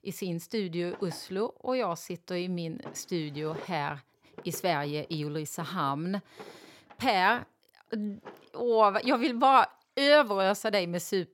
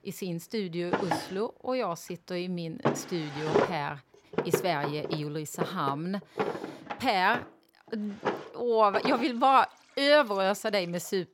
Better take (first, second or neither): first